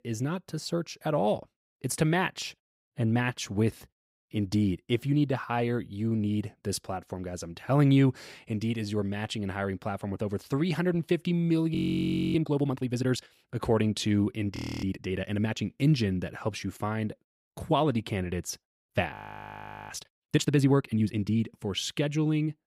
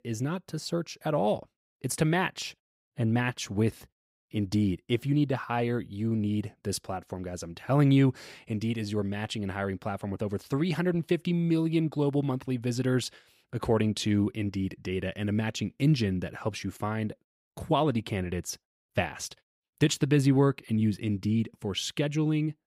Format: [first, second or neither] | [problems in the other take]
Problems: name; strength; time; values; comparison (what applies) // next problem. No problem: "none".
second | audio freezing; at 12 s for 0.5 s, at 15 s and at 19 s for 1 s